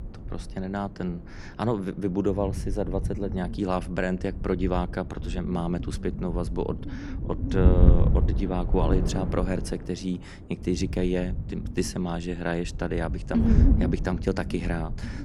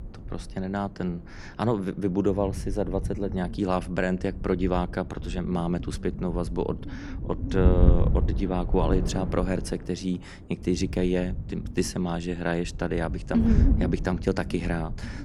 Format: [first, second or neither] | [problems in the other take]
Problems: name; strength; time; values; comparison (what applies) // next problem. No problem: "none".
second | wind noise on the microphone; heavy; 8 dB below the speech; occasional gusts in the second